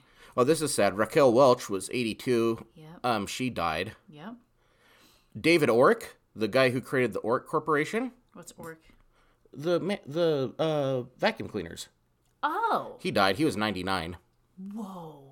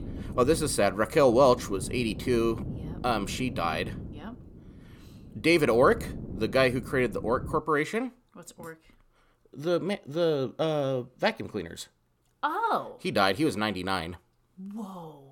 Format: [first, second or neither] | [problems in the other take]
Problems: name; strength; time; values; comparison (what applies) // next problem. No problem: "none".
first | wind noise on the microphone; occasional gusts; until 7.5 s; 20 dB below the speech